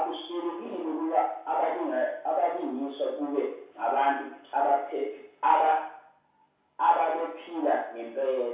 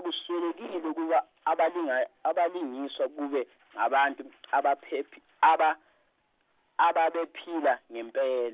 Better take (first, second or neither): second